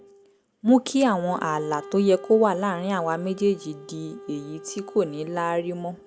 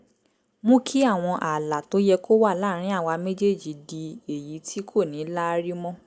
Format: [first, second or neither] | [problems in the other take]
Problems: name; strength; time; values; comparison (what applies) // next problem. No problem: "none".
second | background sound (Wind instrument, woodwind instrument); 18 dB below the speech